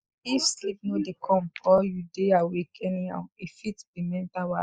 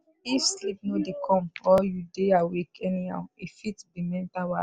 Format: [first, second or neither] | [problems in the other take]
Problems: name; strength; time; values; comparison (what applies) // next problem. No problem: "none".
second | noise reduction (neural mask model Resemble Enhance denoiser)